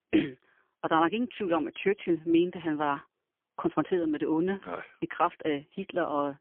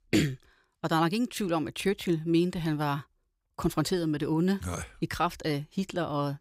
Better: second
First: phone-call audio; poor line; nothing above 3.5 kHz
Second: none

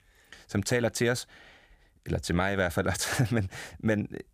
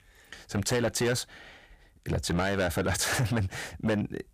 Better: first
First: none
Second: distortion; heavy; 8 dB below the speech

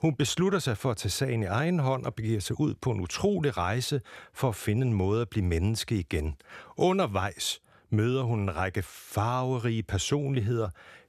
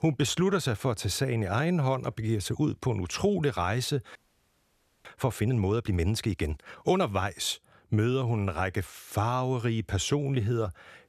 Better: first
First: none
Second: audio freezing; at 4 s for 1 s

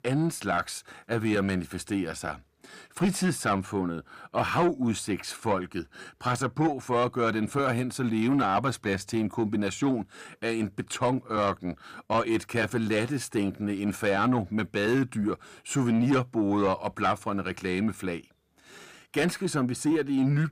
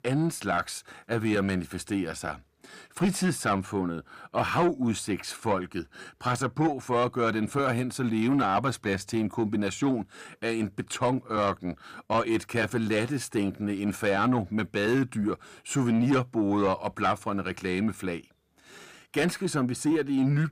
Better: neither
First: distortion; slight; 10 dB below the speech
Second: distortion; slight; 10 dB below the speech

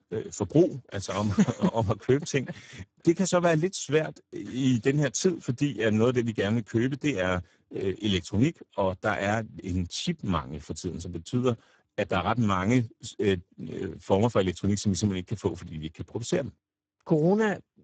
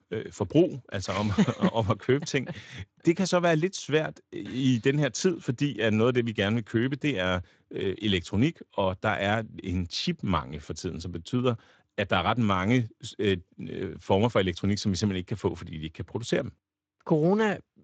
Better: second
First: garbled, watery; badly; nothing above 7.5 kHz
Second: garbled, watery; slightly; nothing above 7.5 kHz

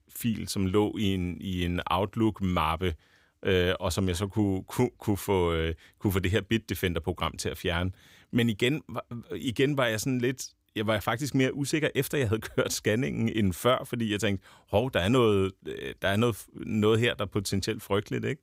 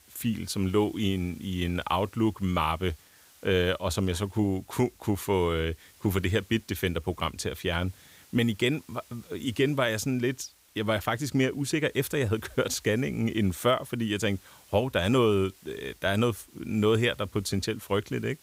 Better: first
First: none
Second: hiss; faint; throughout; 25 dB below the speech

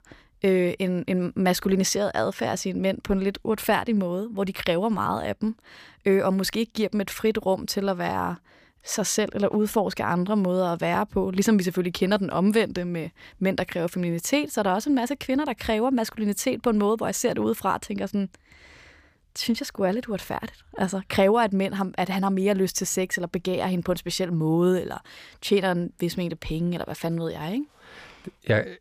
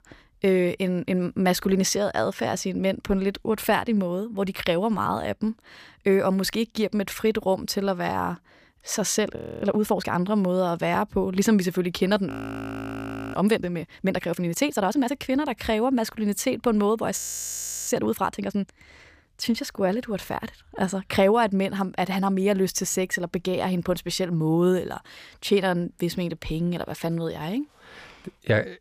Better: first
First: none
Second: audio freezing; at 9.5 s, at 12 s for 1 s and at 17 s for 0.5 s

